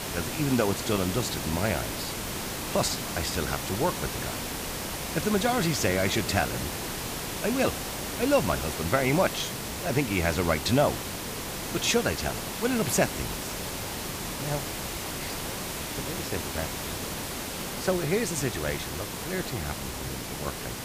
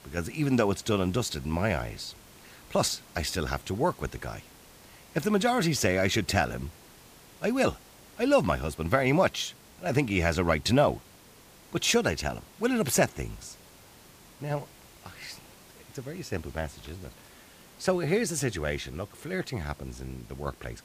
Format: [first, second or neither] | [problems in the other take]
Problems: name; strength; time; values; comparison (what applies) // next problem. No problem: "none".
second | hiss; loud; throughout; 4 dB below the speech; faint in the second